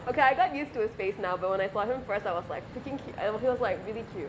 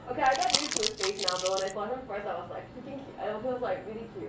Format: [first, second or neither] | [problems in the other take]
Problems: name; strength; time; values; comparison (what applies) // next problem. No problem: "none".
first | background sound (Crumpling, crinkling); as loud as the speech // room echo; dies away in 0.3 s